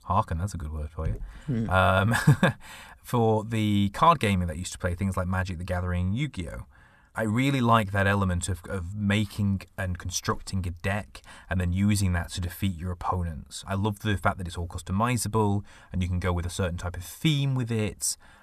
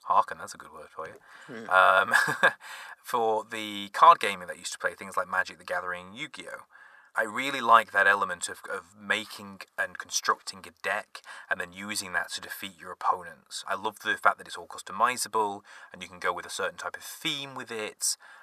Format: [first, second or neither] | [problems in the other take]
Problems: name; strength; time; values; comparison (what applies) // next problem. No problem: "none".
first | thin; very; fading below 550 Hz